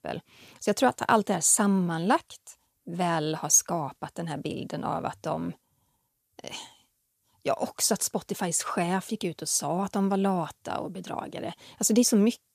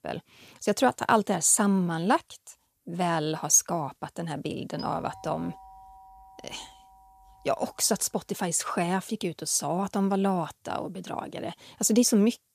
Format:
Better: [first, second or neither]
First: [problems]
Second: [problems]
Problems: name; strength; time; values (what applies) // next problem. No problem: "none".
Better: first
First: none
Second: doorbell; faint; from 5 to 7.5 s; peak 20 dB below the speech